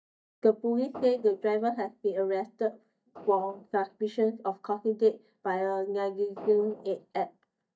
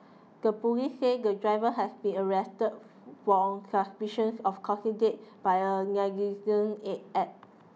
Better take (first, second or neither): second